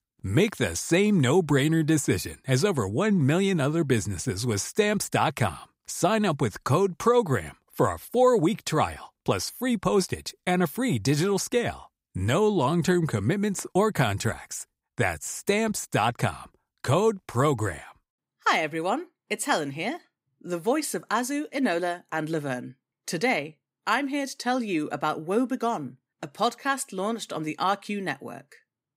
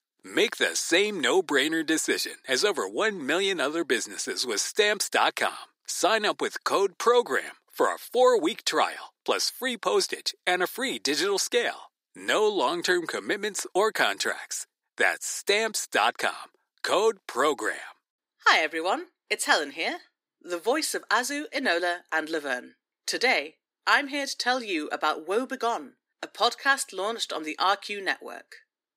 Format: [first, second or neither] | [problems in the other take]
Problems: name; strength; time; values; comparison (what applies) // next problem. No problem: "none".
first | thin; somewhat; fading below 300 Hz